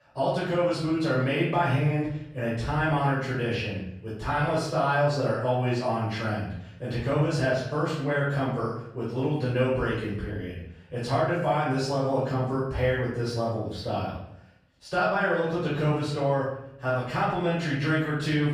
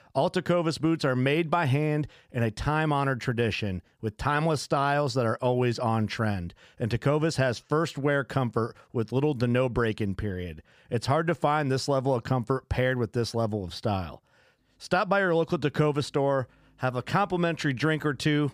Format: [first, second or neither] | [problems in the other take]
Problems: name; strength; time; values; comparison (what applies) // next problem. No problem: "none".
second | room echo; noticeable; dies away in 0.7 s // off-mic speech; far